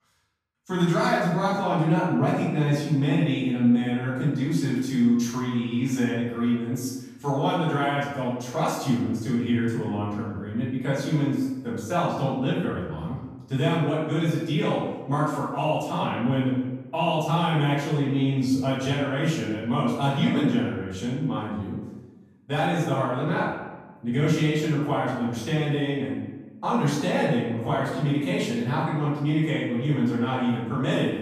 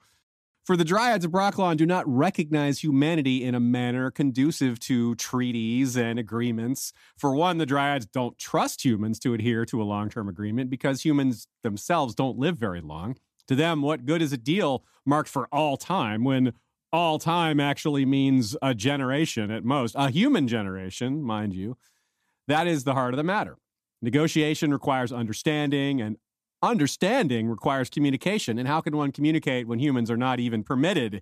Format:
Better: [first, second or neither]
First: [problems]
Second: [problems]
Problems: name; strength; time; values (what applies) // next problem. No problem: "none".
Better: second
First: room echo; noticeable; dies away in 0.9 s // off-mic speech; far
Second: none